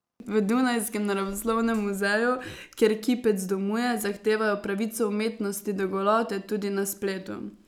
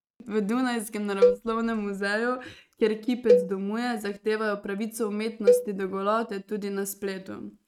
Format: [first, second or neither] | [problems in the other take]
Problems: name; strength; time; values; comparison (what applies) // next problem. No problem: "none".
first | noise reduction (neural mask model RNNoise)